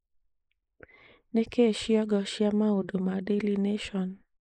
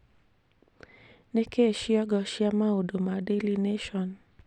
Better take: second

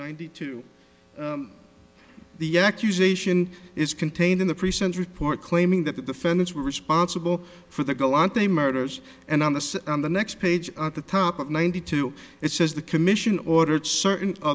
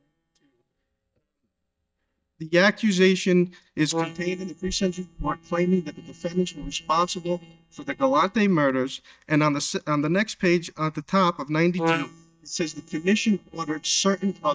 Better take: first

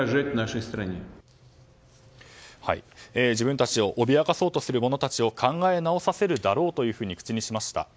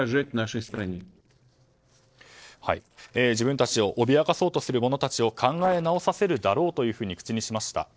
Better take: first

